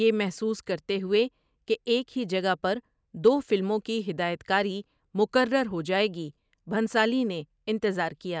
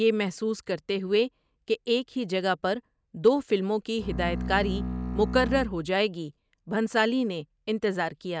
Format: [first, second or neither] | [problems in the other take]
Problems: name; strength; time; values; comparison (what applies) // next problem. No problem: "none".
first | background sound (Bowed string instrument); 5 dB below the speech